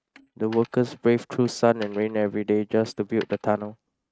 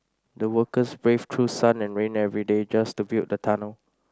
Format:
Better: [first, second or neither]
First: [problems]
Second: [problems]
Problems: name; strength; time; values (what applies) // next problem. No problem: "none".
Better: second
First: noise reduction (neural mask model RNNoise)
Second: none